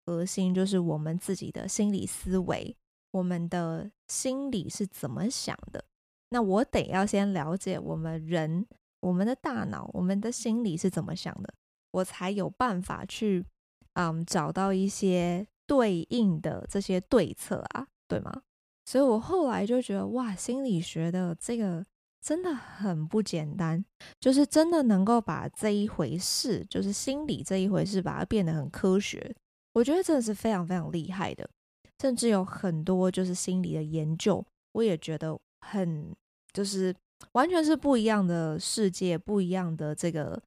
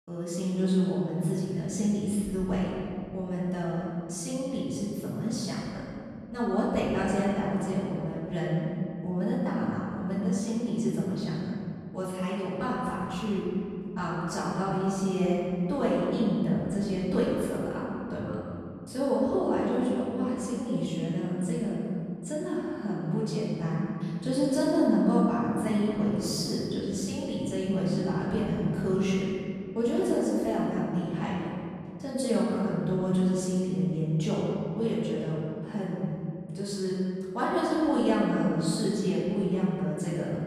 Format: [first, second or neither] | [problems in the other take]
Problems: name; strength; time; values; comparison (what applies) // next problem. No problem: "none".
first | off-mic speech; far // room echo; strong; dies away in 2.7 s